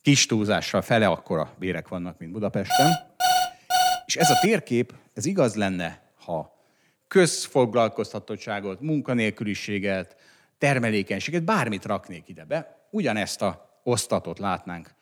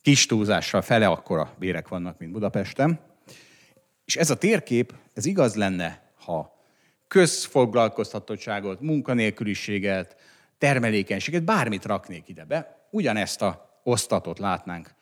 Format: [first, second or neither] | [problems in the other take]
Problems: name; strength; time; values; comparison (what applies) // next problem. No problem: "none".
second | alarm; loud; from 2.5 to 4.5 s; peak 4 dB above the speech